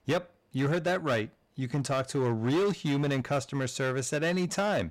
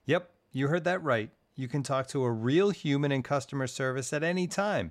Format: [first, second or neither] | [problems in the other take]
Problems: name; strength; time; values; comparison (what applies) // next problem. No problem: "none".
second | distortion; slight; 14% of the sound clipped